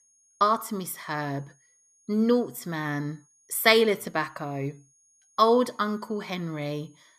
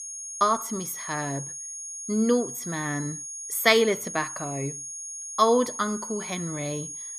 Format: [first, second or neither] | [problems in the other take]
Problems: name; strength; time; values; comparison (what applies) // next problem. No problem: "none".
first | high-pitched whine; loud; throughout; 6.5 kHz, 8 dB below the speech; faint in the first